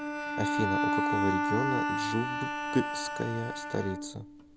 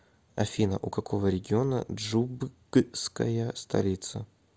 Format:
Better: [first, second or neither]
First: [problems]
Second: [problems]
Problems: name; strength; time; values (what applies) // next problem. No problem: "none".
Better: second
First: background sound (Bowed string instrument); 3 dB above the speech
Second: none